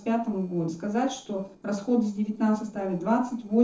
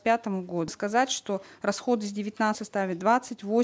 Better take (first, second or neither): second